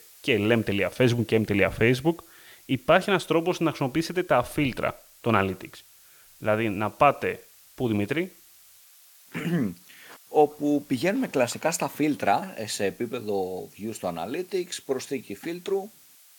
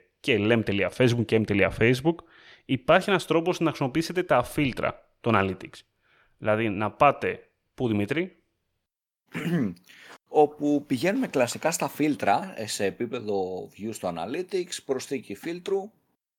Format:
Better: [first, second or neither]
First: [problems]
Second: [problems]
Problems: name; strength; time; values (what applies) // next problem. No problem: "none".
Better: second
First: hiss; faint; throughout; 25 dB below the speech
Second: none